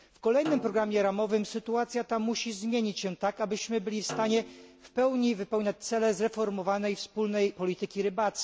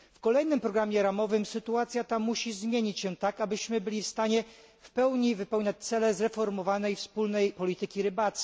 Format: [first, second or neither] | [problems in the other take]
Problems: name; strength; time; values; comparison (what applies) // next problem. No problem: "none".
second | background sound (Snare drum); 17 dB below the speech